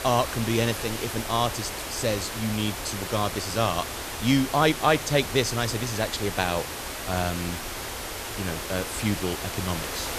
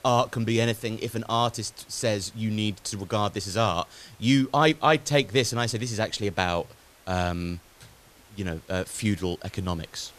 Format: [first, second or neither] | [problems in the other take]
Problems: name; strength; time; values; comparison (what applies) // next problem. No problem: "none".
second | hiss; loud; throughout; 5 dB below the speech; faint in the second